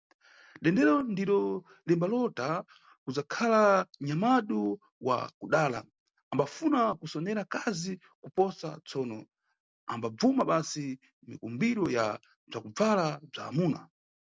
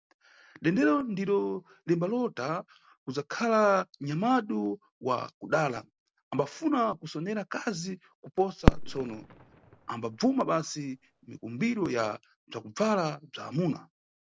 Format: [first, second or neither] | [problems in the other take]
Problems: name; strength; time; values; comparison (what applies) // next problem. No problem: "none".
first | background sound (Fireworks); as loud as the speech